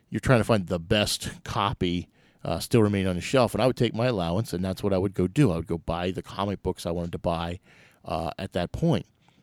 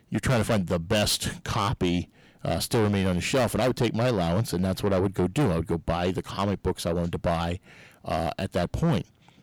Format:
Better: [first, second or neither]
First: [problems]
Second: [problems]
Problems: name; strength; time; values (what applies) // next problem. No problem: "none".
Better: first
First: none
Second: distortion; heavy; 7 dB below the speech